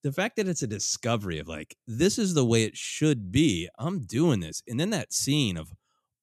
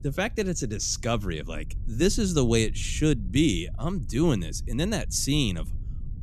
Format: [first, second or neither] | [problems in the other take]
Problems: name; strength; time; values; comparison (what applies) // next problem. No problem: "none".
first | low rumble; faint; throughout; 25 dB below the speech